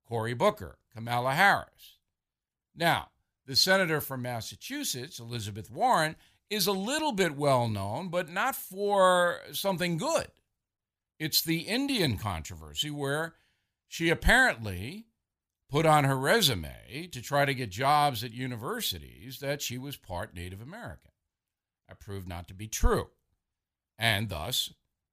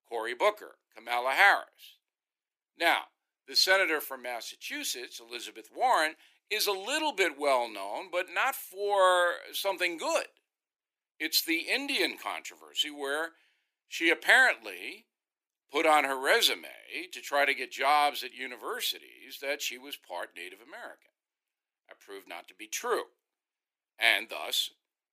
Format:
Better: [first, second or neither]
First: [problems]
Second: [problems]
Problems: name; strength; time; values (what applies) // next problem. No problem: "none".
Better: first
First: none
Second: thin; very; fading below 300 Hz